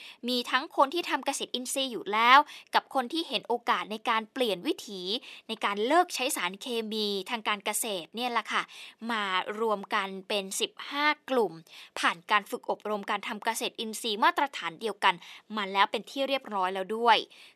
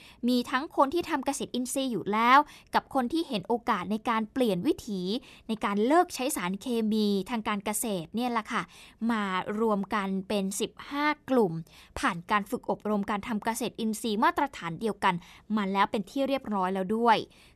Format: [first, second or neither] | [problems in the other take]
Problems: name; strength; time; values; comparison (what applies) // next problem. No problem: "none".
second | thin; somewhat; fading below 350 Hz